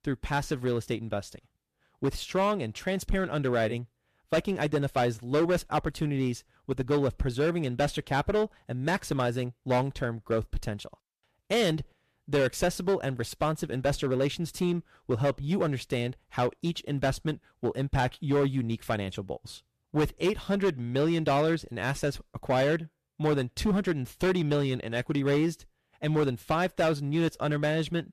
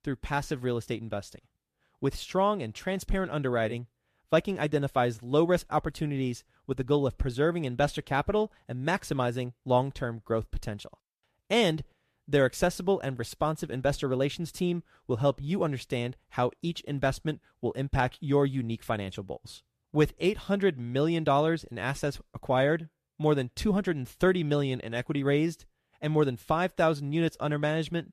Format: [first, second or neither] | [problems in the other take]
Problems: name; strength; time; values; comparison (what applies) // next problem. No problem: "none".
second | distortion; slight; 7% of the sound clipped